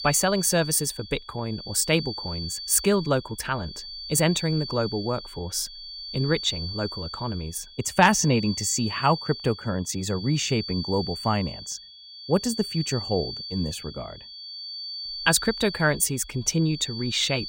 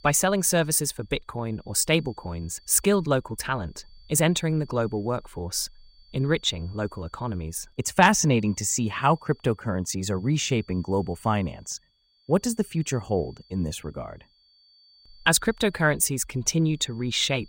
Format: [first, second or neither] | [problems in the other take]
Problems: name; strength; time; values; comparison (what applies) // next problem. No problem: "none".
second | high-pitched whine; loud; throughout; 4.5 kHz, 9 dB below the speech; faint in the second